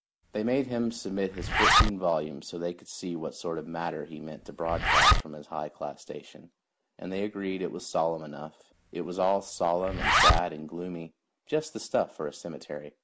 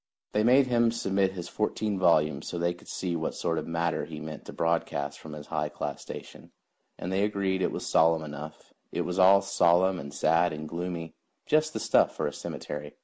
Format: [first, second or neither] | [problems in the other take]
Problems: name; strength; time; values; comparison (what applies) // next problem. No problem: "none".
second | background sound (Zipper (clothing)); 3 dB above the speech